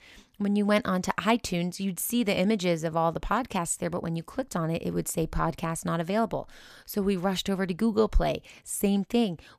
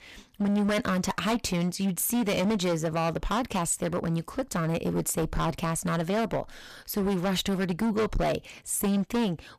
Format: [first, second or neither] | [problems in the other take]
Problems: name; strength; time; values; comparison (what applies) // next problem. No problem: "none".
first | distortion; heavy; 18% of the sound clipped